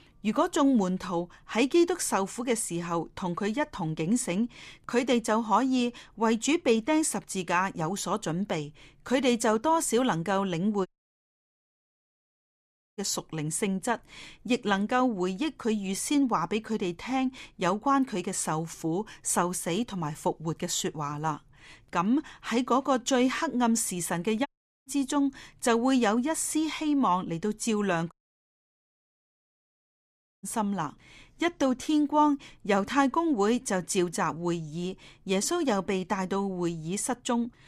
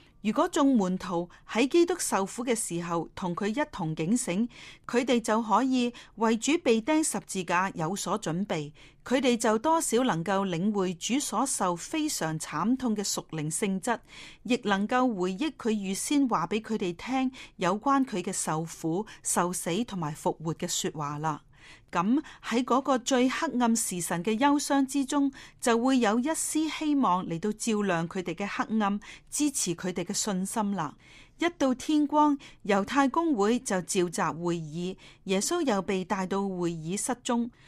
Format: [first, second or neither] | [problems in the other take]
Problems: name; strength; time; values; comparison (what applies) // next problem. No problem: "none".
second | audio cutting out; at 11 s for 2 s, at 24 s and at 28 s for 2.5 s